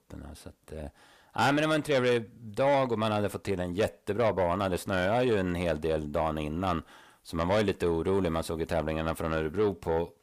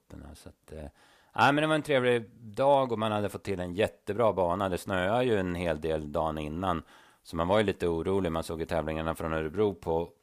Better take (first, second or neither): second